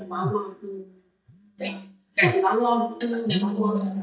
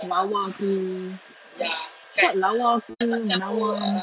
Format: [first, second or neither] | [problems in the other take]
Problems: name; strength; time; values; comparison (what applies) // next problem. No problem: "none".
second | noise reduction (neural mask model DeepFilterNet 3)